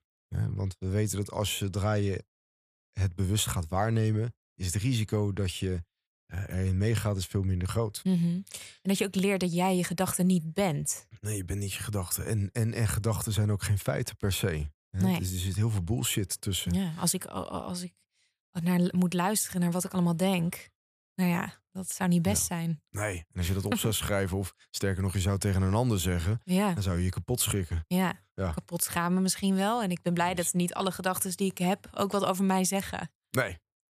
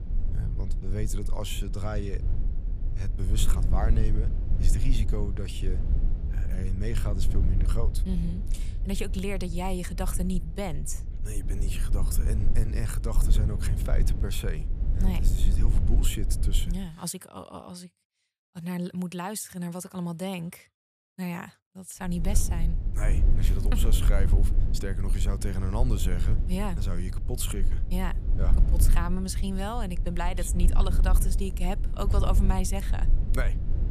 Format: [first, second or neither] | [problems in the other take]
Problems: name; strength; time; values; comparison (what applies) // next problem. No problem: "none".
first | low rumble; loud; until 17 s and from 22 s on; 9 dB below the speech